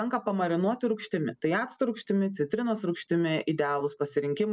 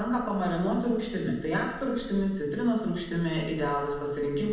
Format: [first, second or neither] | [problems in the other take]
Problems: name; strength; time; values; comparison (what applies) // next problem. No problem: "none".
first | background sound (Bark); 19 dB below the speech // room echo; dies away in 1 s